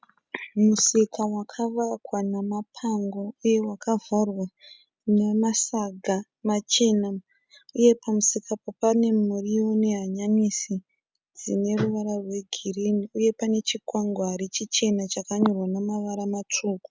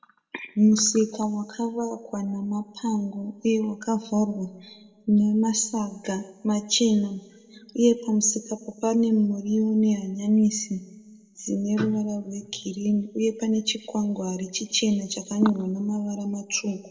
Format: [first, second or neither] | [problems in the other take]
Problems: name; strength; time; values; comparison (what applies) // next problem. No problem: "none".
first | room echo; dies away in 1 s